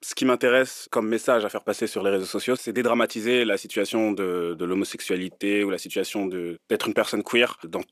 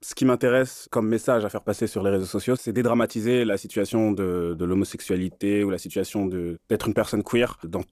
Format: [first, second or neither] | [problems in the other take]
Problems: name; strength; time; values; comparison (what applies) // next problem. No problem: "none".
second | thin; very slightly; fading below 250 Hz